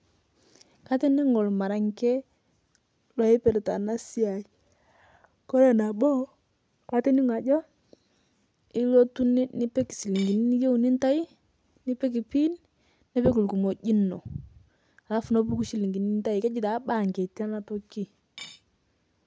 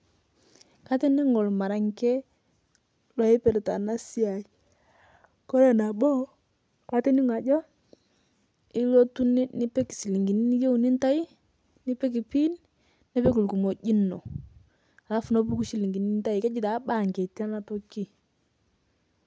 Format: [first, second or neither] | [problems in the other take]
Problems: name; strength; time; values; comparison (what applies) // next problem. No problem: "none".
second | background sound (Cutlery, silverware / Dishes, pots, and pans); 19 dB below the speech